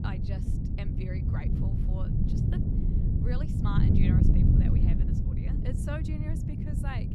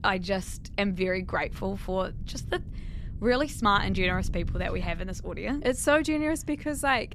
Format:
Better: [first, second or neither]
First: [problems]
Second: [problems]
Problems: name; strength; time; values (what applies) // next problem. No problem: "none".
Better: second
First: wind noise on the microphone; heavy; 5 dB above the speech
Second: wind noise on the microphone; occasional gusts; 25 dB below the speech